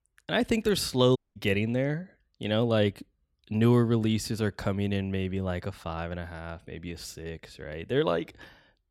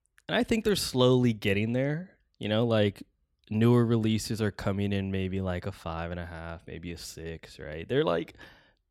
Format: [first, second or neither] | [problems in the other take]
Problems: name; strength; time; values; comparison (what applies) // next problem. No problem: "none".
second | audio cutting out; at 1 s